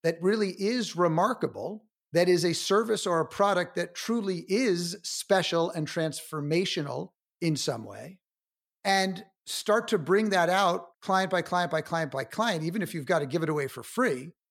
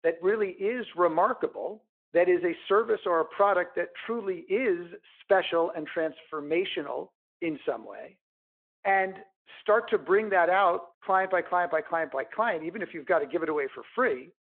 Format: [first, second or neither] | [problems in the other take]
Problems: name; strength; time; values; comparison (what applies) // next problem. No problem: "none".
first | phone-call audio